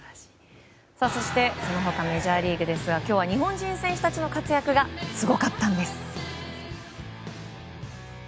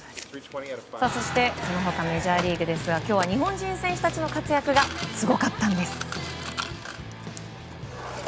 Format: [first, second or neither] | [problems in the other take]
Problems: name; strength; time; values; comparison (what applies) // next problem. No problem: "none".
first | background sound (Mechanisms); 11 dB below the speech